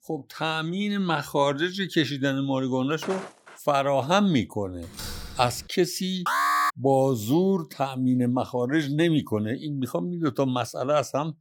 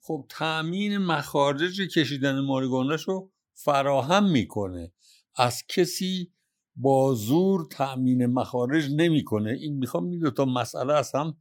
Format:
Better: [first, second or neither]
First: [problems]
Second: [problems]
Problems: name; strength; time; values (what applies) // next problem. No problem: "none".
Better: second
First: footsteps; faint; at 3 s; peak 10 dB below the speech // door banging; faint; at 5 s; peak 10 dB below the speech // alarm; loud; at 6.5 s; peak 3 dB above the speech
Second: none